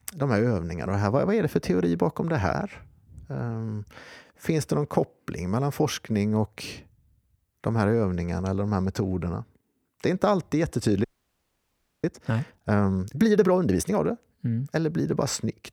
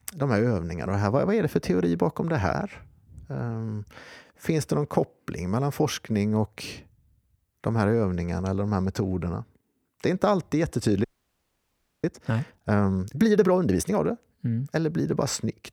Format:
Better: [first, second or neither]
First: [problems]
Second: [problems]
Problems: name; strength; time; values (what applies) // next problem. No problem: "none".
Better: neither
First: audio freezing; at 11 s for 1 s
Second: audio freezing; at 11 s for 1 s